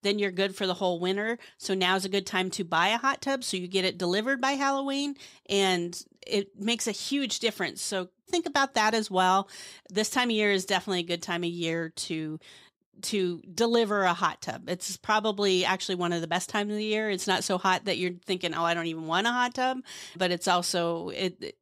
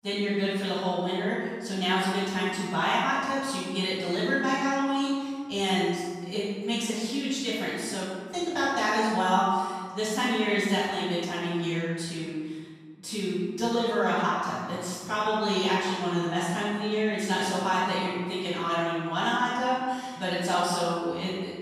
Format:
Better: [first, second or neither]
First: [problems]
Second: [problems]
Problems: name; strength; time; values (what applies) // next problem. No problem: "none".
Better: first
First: none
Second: room echo; strong; dies away in 1.4 s // off-mic speech; far